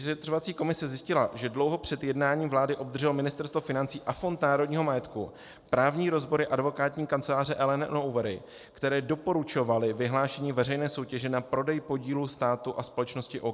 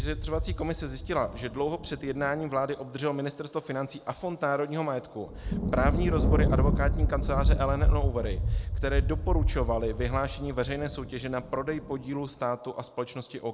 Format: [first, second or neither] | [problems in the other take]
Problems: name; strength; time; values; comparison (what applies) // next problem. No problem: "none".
first | background sound (Thunder); 2 dB above the speech